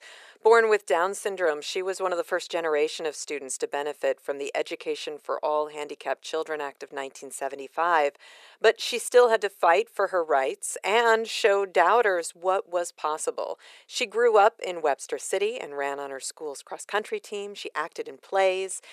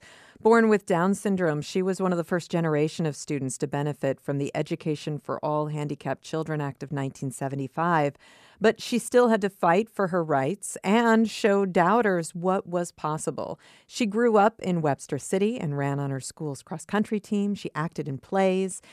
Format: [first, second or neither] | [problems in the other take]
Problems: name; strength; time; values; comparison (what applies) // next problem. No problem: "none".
second | thin; very; fading below 450 Hz